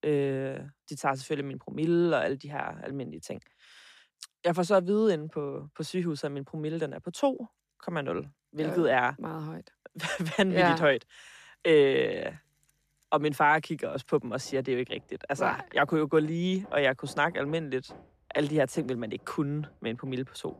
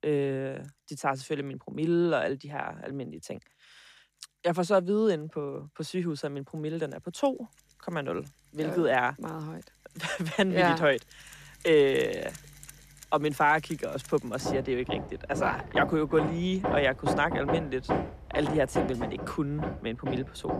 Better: first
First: machinery noise; faint; throughout; 30 dB below the speech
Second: machinery noise; loud; throughout; 6 dB below the speech

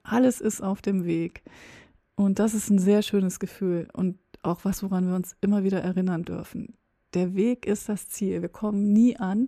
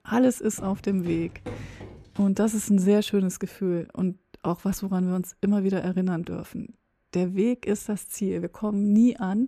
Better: first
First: none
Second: footsteps; faint; from 0.5 to 2.5 s; peak 15 dB below the speech

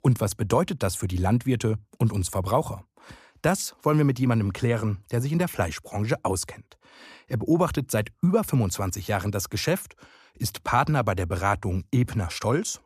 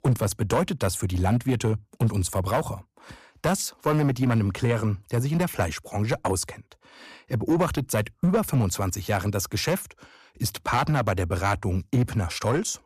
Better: first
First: none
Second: distortion; slight; 4% of the sound clipped

